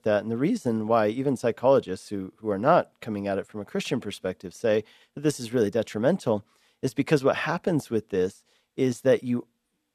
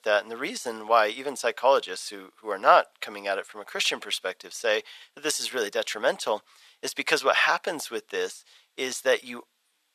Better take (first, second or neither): first